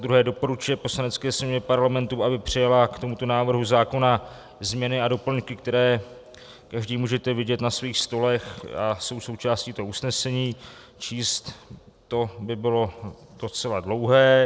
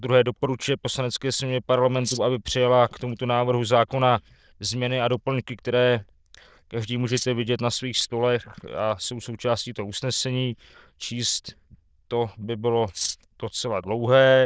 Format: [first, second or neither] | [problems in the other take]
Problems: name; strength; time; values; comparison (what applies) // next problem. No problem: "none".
first | noise reduction (neural diffusion model UNIVERSE++)